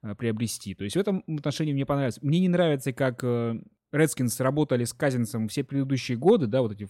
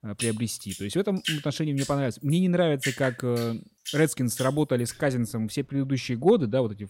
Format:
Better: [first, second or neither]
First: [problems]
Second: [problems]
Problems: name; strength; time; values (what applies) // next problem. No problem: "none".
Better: first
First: none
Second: rain or running water; noticeable; throughout; 10 dB below the speech